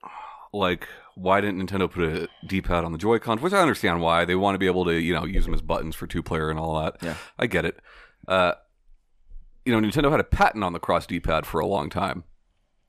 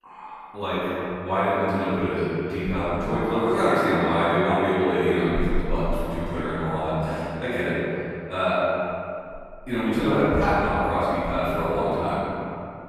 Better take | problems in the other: first | off-mic speech; far // room echo; strong; dies away in 2.3 s

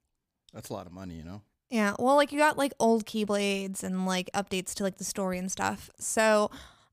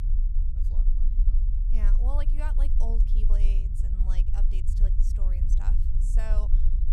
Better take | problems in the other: first | low rumble; loud; throughout; 5 dB below the speech

